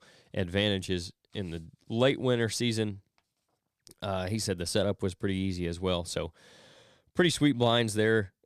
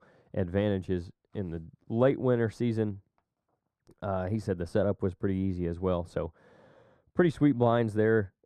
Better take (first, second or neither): first